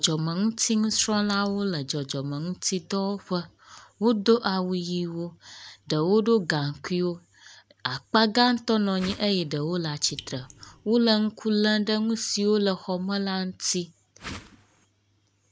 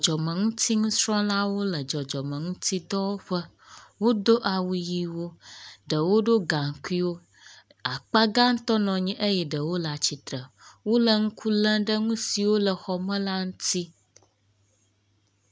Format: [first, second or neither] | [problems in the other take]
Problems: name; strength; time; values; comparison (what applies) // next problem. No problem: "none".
second | background sound (Raindrop + Whoosh, swoosh, swish); 17 dB below the speech